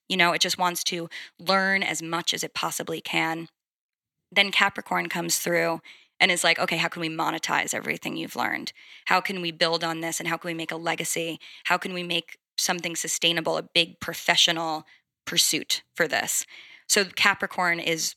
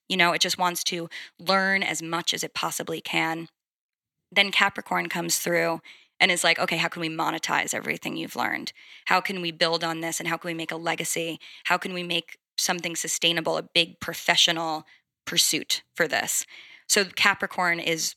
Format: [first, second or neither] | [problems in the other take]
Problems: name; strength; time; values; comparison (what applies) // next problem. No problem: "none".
neither | thin; somewhat; fading below 950 Hz; the same in both